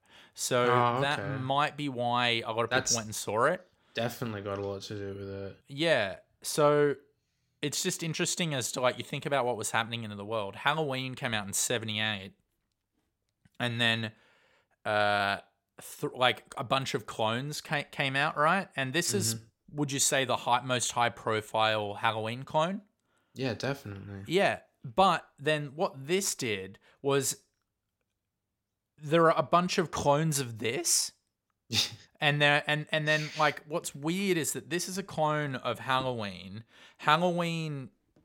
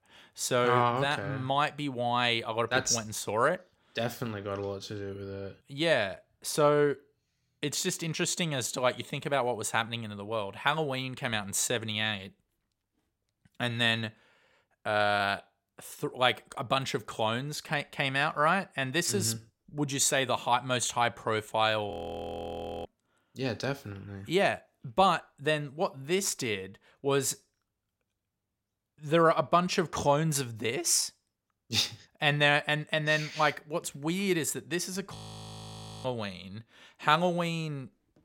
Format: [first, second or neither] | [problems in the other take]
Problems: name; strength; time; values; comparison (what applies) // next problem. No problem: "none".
first | audio freezing; at 22 s for 1 s and at 35 s for 1 s